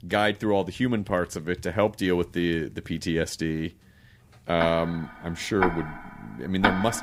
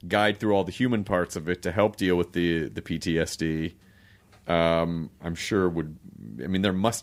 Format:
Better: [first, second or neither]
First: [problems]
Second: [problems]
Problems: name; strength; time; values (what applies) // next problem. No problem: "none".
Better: second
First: household noises; loud; throughout; 3 dB below the speech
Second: none